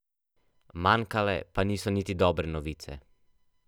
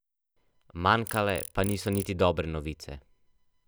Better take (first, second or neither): first